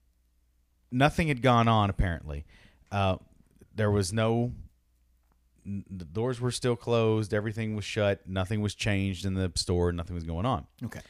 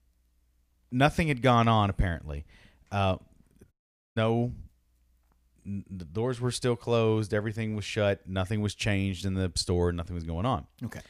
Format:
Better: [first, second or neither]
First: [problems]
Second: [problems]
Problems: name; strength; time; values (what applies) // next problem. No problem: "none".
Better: first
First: none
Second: audio cutting out; at 3.5 s